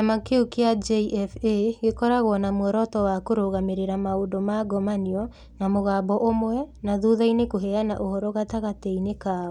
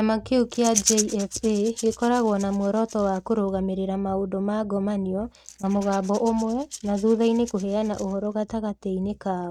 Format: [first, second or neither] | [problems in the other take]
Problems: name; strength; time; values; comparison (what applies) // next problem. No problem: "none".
first | noise reduction (neural mask model RNNoise)